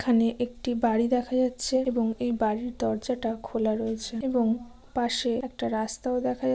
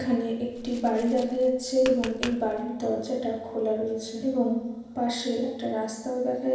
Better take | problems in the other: first | background sound (Tap); 14 dB below the speech // room echo; dies away in 0.9 s

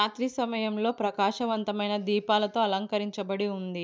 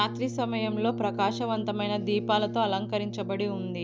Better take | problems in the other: first | background sound (Brass instrument); 7 dB below the speech

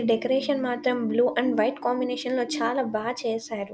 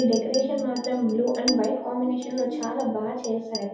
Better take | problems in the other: first | background sound (Chink, clink); 13 dB below the speech // room echo; dies away in 0.8 s

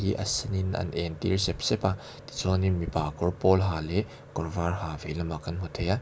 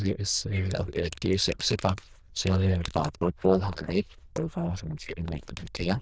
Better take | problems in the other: first | noise reduction (neural diffusion model UNIVERSE++)

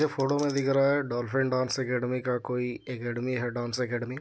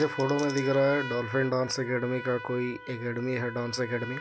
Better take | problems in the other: first | background sound (Trumpet); 12 dB below the speech

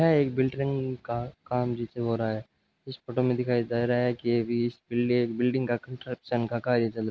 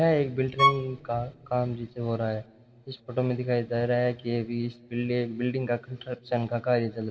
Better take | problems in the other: first | background sound (Bowed string instrument); as loud as the speech // room echo; dies away in 1.6 s

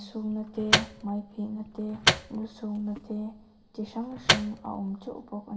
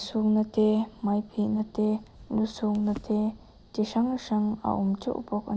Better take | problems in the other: second | background sound (Microwave oven); 4 dB above the speech // room echo; dies away in 1 s

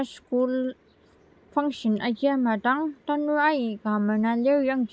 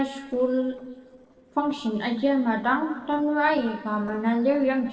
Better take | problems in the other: first | noise reduction (neural separator model SepFormer DNS4)

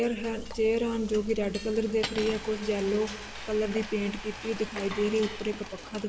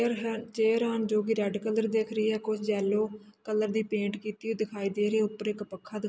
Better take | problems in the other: second | background sound (Cutlery, silverware + Frying (food)); 10 dB below the speech

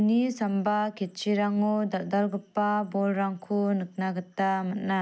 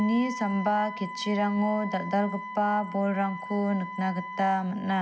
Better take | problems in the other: first | background sound (Wind instrument, woodwind instrument); 11 dB below the speech // room echo; dies away in 0.8 s

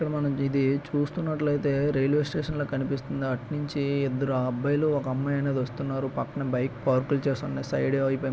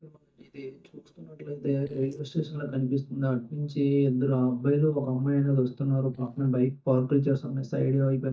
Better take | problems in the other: first | noise reduction (neural mask model DeepFilterNet 3)

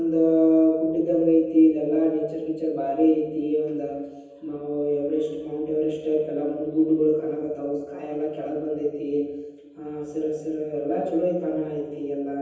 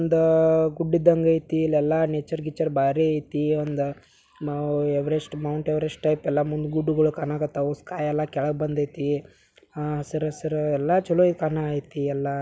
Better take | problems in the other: second | room echo; dies away in 1.1 s

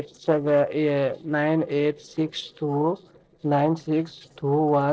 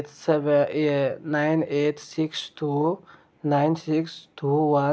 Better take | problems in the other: second | noise reduction (neural separator model SepFormer DNS4)

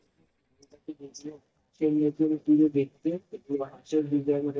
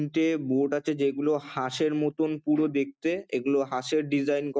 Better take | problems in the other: second | noise reduction (neural mask model DeepFilterNet 3)

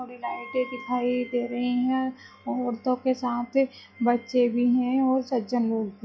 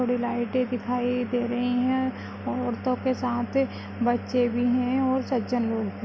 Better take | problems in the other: second | noise reduction (classical method log-MMSE)

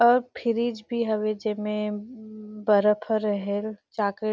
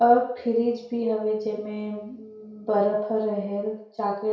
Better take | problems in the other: first | room echo; dies away in 0.6 s

